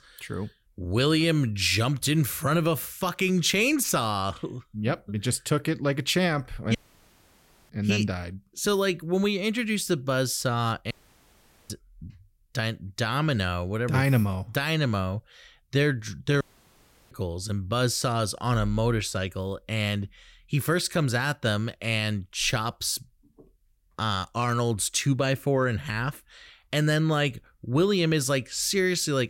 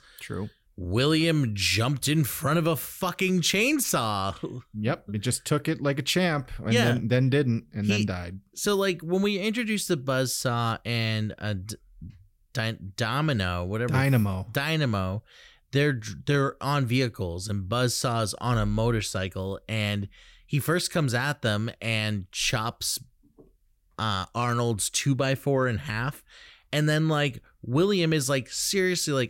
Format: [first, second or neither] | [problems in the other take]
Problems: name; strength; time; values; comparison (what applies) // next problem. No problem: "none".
second | audio cutting out; at 7 s for 1 s, at 11 s for 1 s and at 16 s for 0.5 s